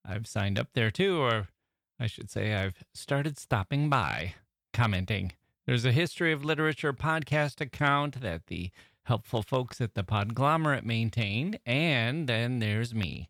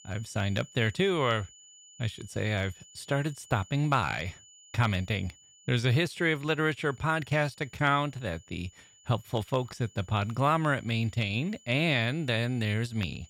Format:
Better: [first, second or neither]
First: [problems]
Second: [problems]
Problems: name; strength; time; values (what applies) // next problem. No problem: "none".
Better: first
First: none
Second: high-pitched whine; faint; throughout; 7 kHz, 25 dB below the speech